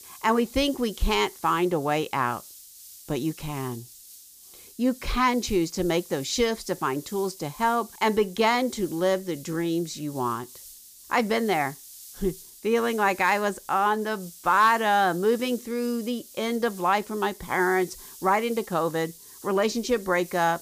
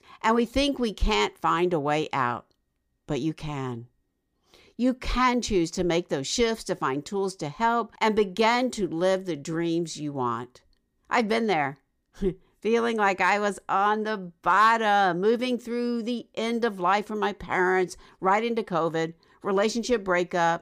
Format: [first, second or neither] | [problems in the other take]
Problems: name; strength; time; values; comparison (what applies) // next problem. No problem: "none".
second | hiss; noticeable; throughout; 20 dB below the speech